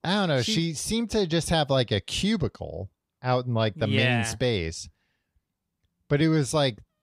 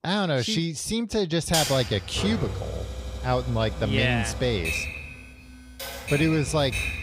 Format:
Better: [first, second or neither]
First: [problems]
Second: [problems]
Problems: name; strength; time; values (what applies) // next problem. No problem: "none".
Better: first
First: none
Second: keyboard typing; noticeable; from 1.5 s on; peak level with the speech